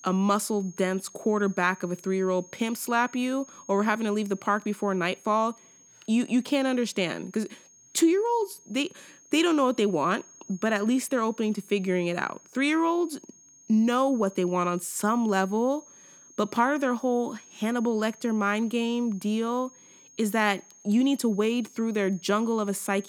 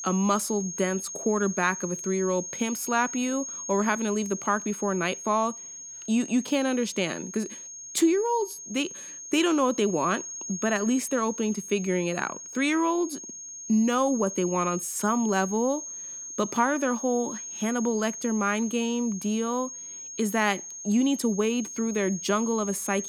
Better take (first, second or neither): first